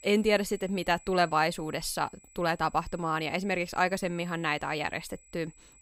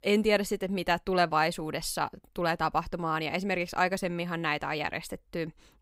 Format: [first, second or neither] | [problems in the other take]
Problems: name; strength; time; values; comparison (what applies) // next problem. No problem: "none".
second | high-pitched whine; faint; throughout; 8 kHz, 25 dB below the speech